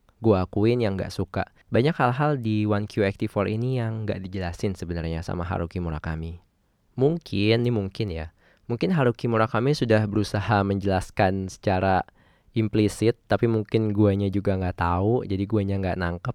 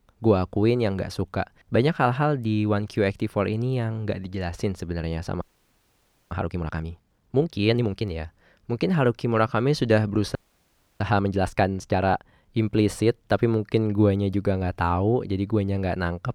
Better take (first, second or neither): first